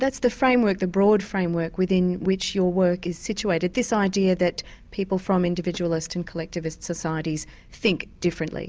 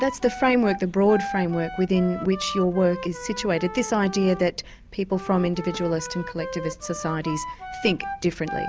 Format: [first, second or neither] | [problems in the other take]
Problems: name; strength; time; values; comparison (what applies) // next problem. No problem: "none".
first | background sound (Wind instrument, woodwind instrument); 11 dB below the speech